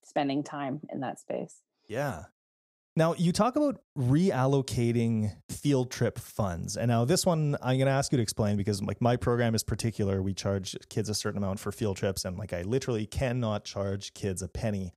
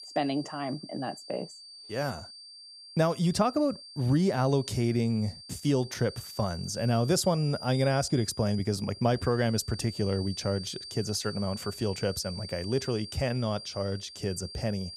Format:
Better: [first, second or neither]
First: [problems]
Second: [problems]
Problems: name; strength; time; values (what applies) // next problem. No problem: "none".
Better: first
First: none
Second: high-pitched whine; noticeable; throughout; 4.5 kHz, 15 dB below the speech